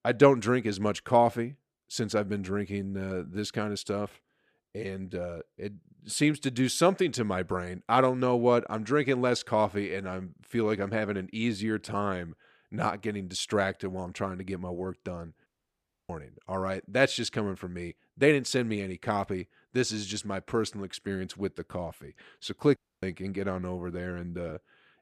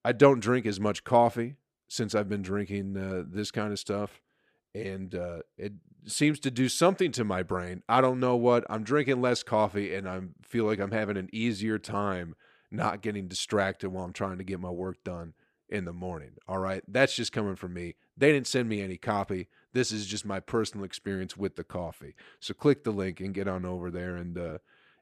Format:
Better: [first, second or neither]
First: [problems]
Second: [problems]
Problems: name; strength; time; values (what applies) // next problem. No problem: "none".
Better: second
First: audio cutting out; at 15 s for 0.5 s and at 23 s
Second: none